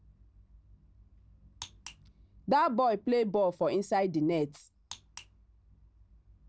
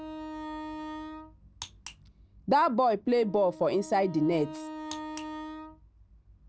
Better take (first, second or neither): first